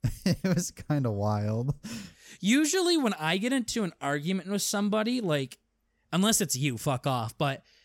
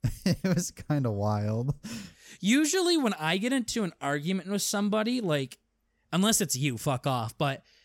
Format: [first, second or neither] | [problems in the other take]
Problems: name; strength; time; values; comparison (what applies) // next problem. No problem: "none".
neither | none